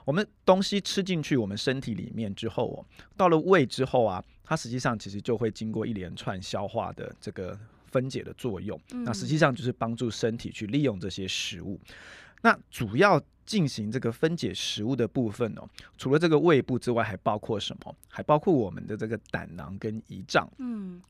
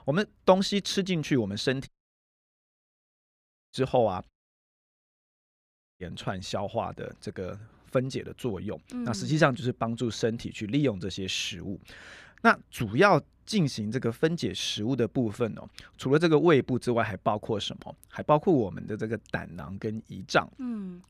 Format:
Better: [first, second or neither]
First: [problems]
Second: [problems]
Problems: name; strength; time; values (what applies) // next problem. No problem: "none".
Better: first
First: none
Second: audio cutting out; at 2 s for 2 s and at 4.5 s for 1.5 s